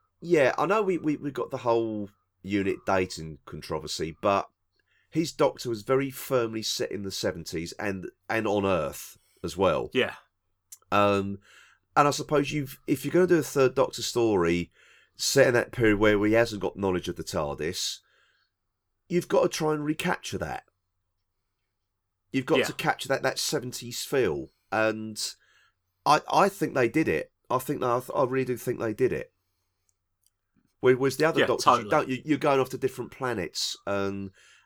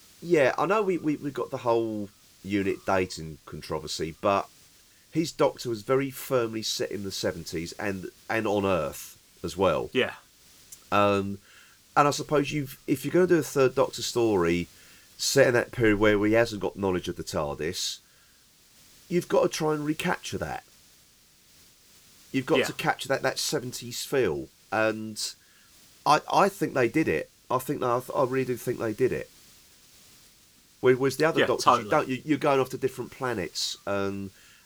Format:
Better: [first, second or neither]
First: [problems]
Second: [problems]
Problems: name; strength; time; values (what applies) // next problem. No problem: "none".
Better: first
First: none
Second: hiss; faint; throughout; 25 dB below the speech